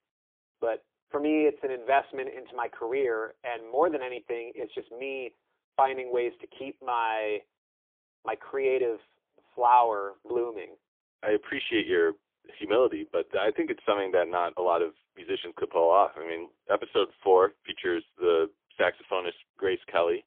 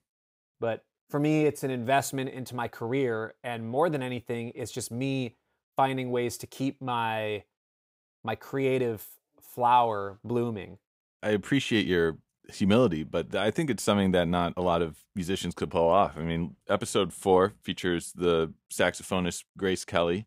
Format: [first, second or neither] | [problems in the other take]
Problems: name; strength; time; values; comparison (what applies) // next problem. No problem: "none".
second | phone-call audio; poor line; nothing above 3.5 kHz